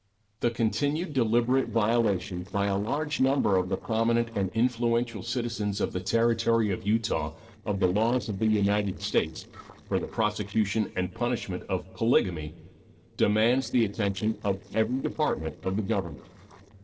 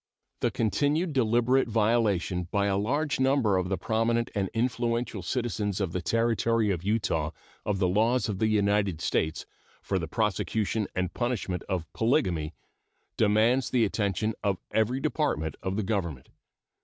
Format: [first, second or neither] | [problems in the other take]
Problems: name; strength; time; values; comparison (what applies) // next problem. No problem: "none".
second | noise reduction (neural separator model SepFormer DNS4)